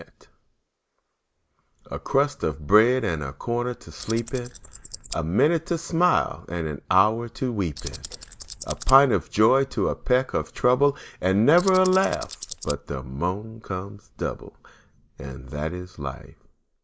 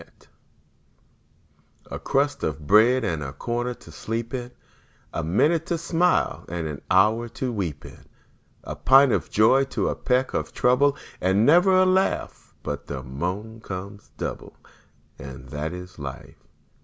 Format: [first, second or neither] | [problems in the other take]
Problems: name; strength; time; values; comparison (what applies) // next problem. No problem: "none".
second | noise reduction (neural mask model Resemble Enhance denoiser)